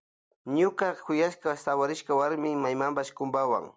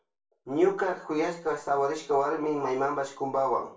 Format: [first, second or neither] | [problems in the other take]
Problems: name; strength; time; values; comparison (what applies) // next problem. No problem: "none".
first | room echo; dies away in 0.3 s